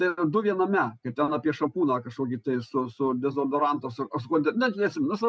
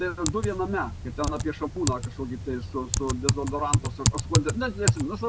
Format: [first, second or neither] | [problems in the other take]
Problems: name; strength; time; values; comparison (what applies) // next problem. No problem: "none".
first | background sound (Typing); 1 dB above the speech